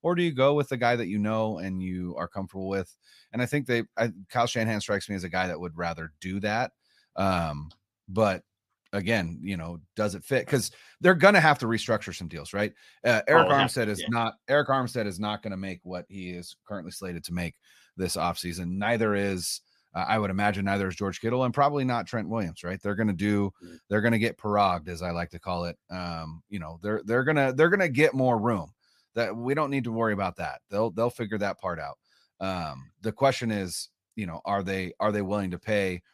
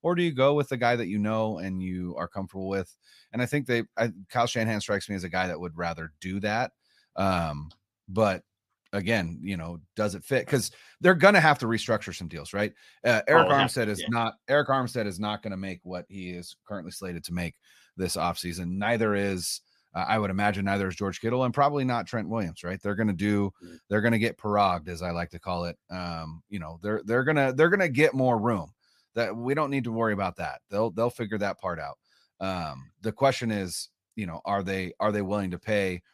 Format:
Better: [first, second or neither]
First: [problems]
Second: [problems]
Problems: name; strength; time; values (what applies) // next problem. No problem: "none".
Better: neither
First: none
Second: none